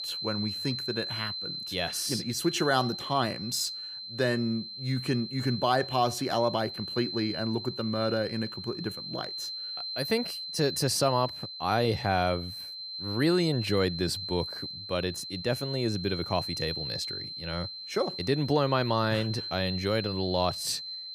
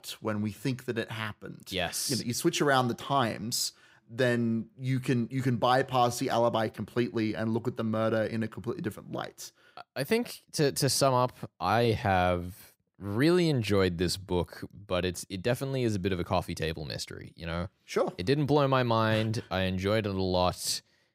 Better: second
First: high-pitched whine; loud; throughout; 4 kHz, 6 dB below the speech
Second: none

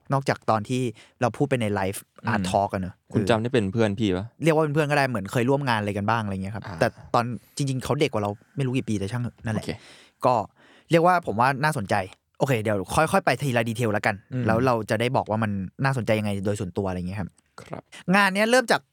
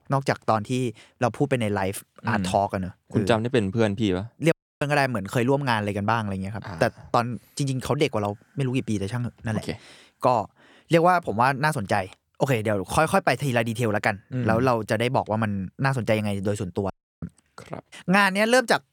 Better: first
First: none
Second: audio cutting out; at 4.5 s and at 17 s

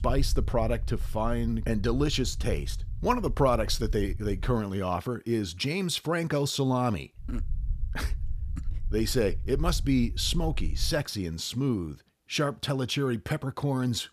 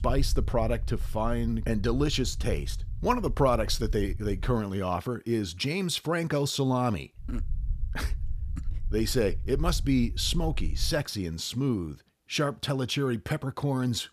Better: neither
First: low rumble; faint; until 4.5 s and from 7 to 11 s; 25 dB below the speech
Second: low rumble; faint; until 4.5 s and from 7 to 11 s; 25 dB below the speech

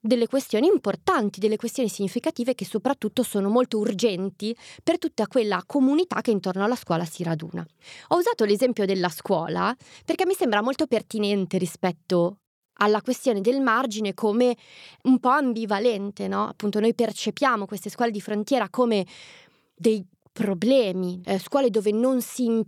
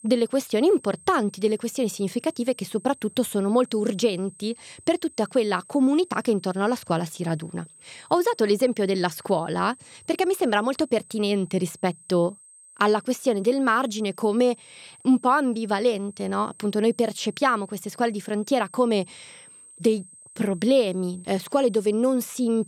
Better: first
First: none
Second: high-pitched whine; faint; throughout; 8.5 kHz, 25 dB below the speech

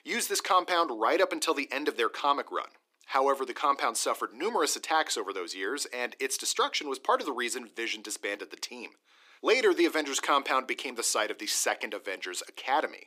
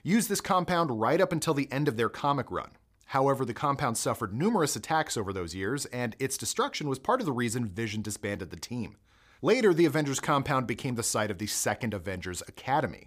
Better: second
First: thin; somewhat; fading below 300 Hz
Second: none

